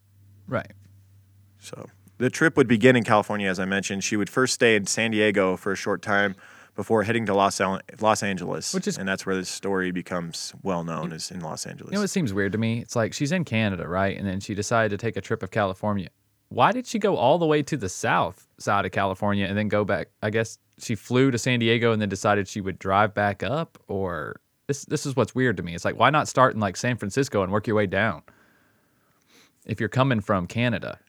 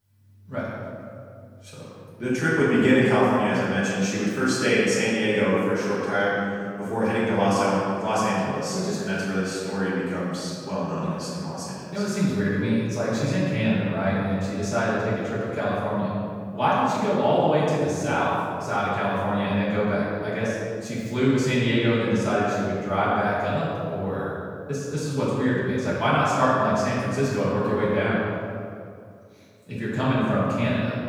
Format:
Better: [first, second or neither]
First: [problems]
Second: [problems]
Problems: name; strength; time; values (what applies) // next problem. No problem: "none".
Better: first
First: none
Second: room echo; strong; dies away in 2 s // off-mic speech; far